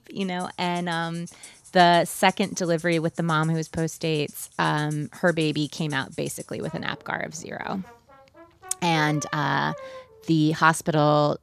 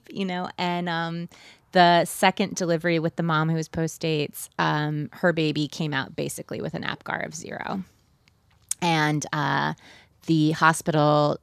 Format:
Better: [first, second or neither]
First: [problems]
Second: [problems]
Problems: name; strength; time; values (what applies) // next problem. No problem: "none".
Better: second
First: background music; faint; throughout; 20 dB below the speech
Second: none